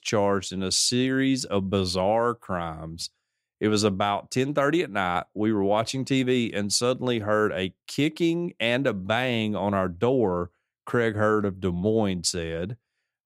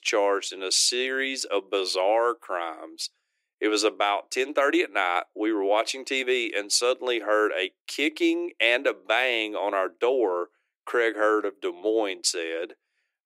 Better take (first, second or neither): first